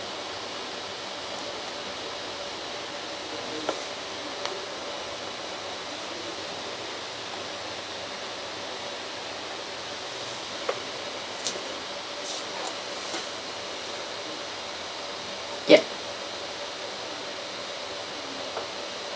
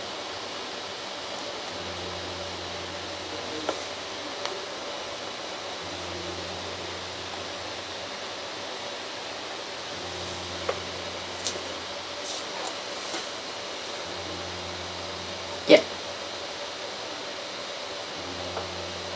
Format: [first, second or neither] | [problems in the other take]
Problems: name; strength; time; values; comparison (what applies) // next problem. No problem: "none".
first | background sound (Bowed string instrument); 15 dB below the speech